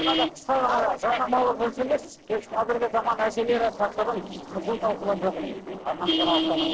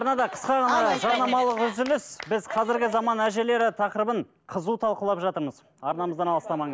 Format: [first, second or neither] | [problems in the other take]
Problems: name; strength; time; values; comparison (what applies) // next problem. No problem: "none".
second | noise reduction (neural separator model SepFormer DNS4)